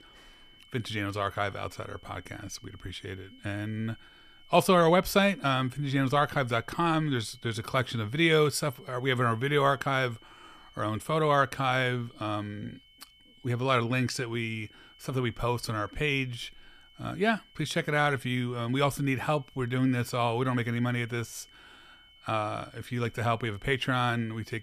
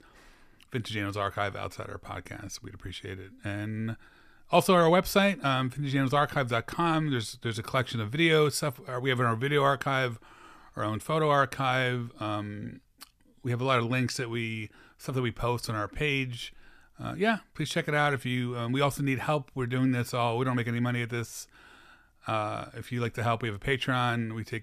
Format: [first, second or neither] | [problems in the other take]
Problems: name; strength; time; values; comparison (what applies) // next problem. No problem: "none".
second | high-pitched whine; faint; throughout; 3 kHz, 25 dB below the speech